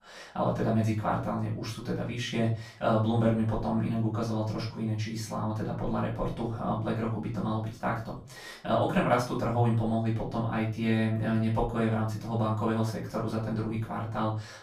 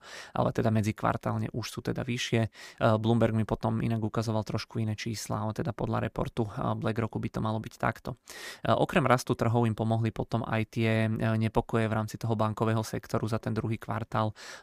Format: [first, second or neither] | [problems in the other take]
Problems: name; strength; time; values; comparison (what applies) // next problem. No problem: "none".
second | off-mic speech; far // room echo; slight; dies away in 0.3 s